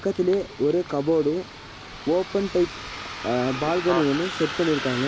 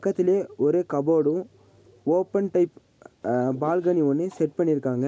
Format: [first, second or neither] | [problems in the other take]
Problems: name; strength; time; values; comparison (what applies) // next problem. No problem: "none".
second | background sound (Bus); 9 dB below the speech